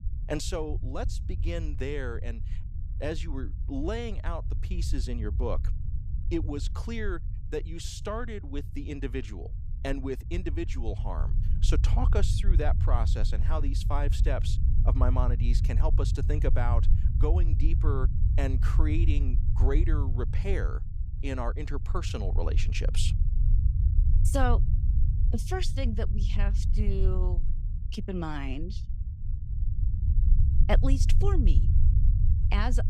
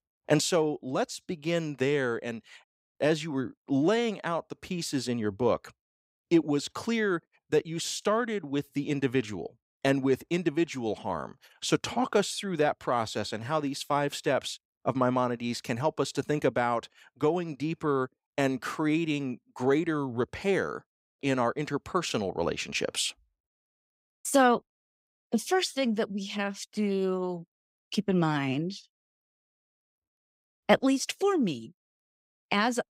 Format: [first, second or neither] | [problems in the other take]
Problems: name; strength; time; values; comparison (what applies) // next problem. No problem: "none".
second | low rumble; noticeable; throughout; 10 dB below the speech